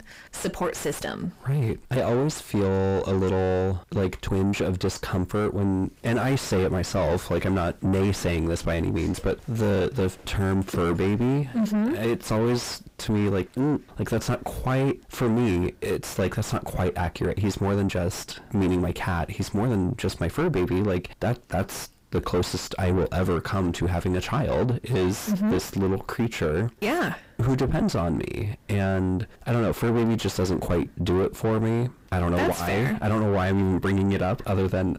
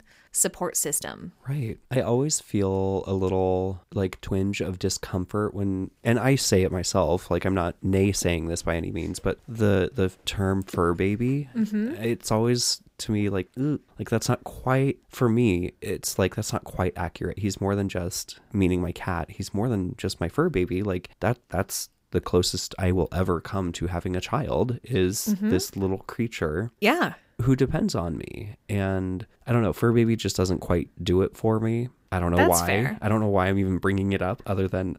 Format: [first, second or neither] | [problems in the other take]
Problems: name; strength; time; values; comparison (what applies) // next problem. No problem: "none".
second | distortion; heavy; 4 dB below the speech